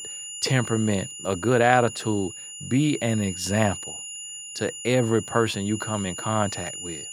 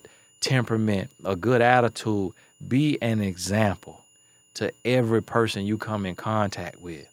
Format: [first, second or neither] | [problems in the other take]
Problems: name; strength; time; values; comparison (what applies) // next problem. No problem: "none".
second | high-pitched whine; loud; throughout; 7 kHz, 10 dB below the speech; faint in the second